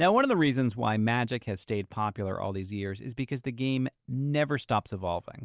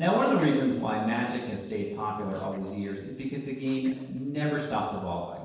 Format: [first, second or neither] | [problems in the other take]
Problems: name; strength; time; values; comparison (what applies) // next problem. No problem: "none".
first | noise reduction (neural separator model SepFormer DNS4)